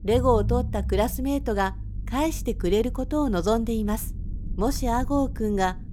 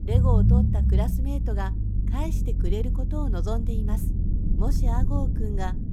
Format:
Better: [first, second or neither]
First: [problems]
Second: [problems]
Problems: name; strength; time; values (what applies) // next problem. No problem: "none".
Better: first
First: low rumble; faint; throughout; 20 dB below the speech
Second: low rumble; loud; throughout; 3 dB below the speech